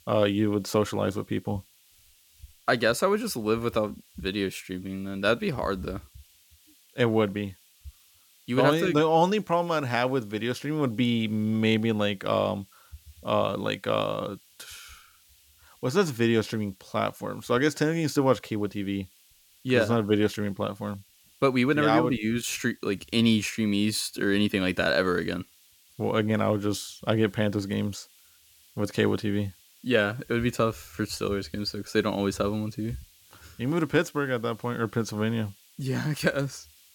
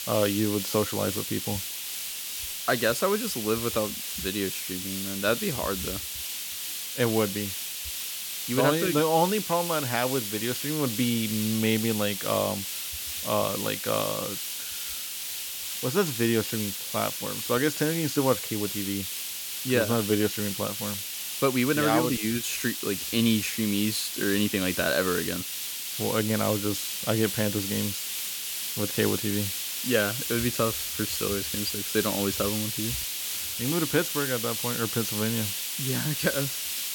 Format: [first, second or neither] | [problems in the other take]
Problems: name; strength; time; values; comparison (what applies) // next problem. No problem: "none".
first | hiss; loud; throughout; 2 dB below the speech; faint in the first